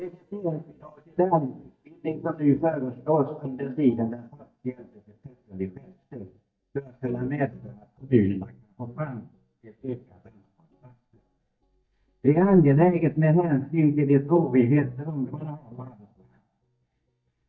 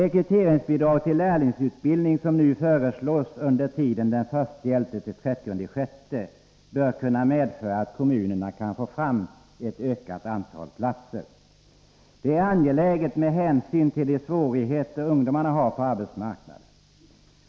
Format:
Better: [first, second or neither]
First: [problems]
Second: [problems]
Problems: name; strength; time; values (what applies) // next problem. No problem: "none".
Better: second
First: noise reduction (neural mask model DeepFilterNet 3)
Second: none